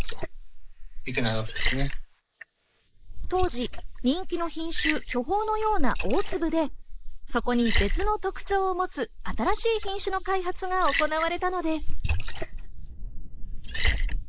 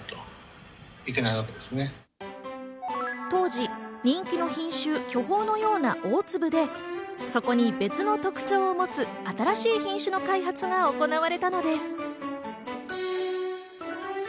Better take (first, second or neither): second